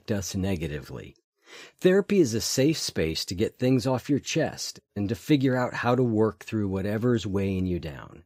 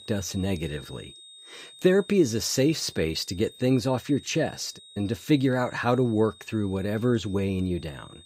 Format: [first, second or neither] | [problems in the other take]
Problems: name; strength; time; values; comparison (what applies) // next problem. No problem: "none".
first | high-pitched whine; faint; throughout; 4 kHz, 20 dB below the speech